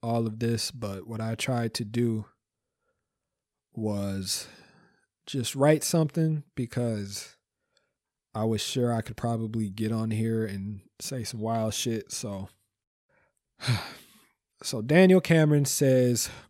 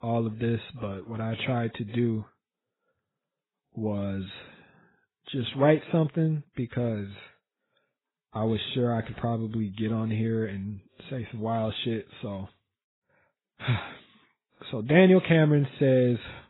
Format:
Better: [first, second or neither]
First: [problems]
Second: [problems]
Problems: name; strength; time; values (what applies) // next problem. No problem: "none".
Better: first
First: none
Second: garbled, watery; badly; nothing above 4 kHz